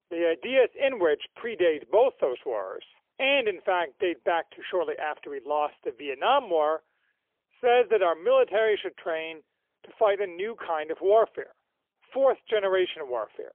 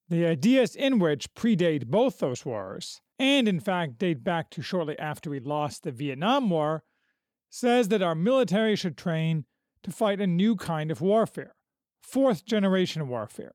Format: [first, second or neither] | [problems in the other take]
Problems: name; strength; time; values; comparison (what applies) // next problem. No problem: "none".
second | phone-call audio; poor line; nothing above 3.5 kHz